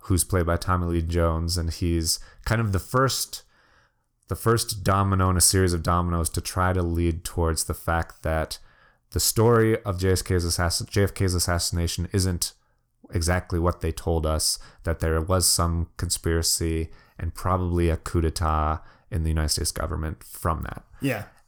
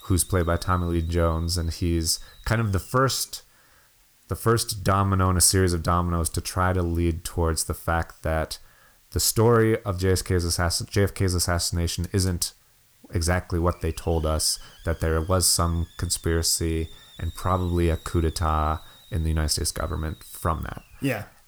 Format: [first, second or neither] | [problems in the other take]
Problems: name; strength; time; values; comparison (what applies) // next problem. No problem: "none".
first | hiss; faint; throughout; 25 dB below the speech